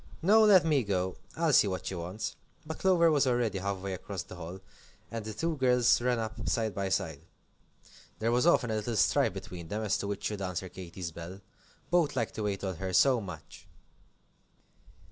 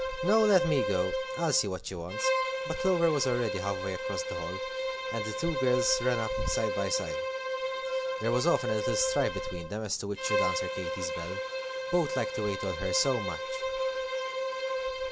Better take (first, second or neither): first